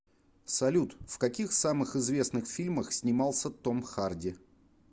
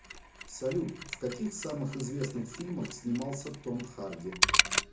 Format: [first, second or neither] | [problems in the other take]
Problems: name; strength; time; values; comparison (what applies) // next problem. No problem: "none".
first | background sound (Mechanisms); 2 dB above the speech // room echo; dies away in 0.6 s